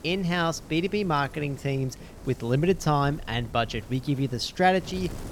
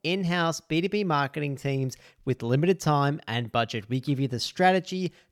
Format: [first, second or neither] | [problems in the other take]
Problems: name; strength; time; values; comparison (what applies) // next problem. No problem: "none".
second | wind noise on the microphone; occasional gusts; 20 dB below the speech